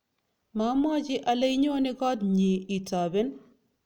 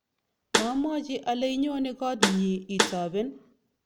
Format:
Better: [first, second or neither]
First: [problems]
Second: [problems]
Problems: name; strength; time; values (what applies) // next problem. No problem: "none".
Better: first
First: none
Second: background sound (Snare drum); 1 dB above the speech